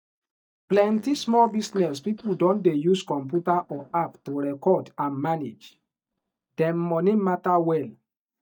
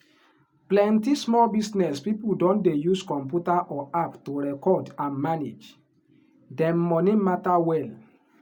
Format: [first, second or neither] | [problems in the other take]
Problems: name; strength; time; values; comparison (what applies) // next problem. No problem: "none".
second | noise reduction (neural mask model DeepFilterNet 3)